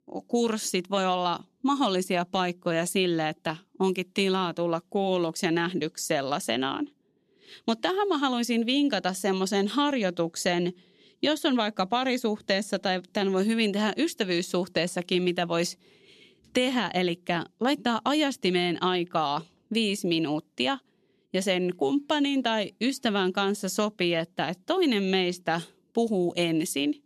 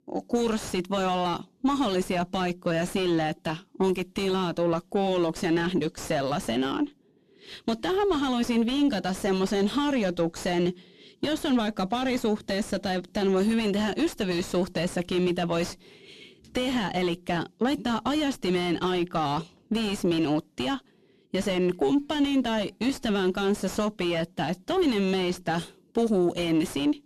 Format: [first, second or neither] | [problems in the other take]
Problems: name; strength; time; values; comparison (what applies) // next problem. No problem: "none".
first | distortion; heavy; 6 dB below the speech